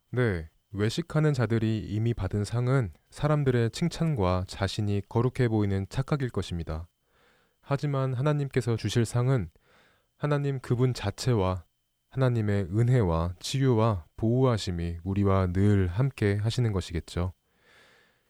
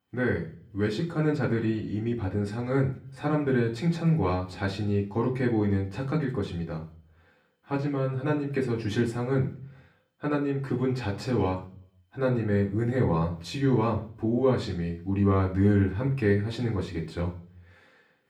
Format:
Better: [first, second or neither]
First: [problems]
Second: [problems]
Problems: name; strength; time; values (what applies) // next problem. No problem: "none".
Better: first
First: none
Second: room echo; slight; dies away in 0.4 s // off-mic speech; far